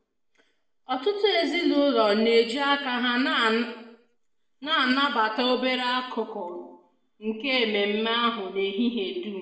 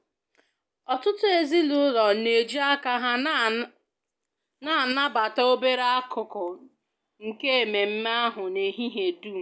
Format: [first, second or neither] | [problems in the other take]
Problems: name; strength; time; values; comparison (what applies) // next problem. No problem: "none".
second | room echo; dies away in 0.7 s